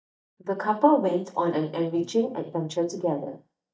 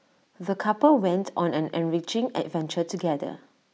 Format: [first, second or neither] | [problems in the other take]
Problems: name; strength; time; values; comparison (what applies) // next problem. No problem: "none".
second | noise reduction (neural mask model DeepFilterNet 3)